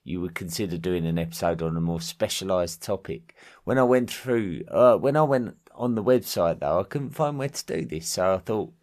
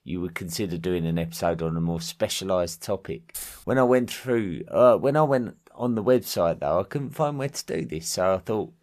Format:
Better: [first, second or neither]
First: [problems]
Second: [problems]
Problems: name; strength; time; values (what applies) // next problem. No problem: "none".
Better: first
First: none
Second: jangling keys; faint; at 3.5 s; peak 10 dB below the speech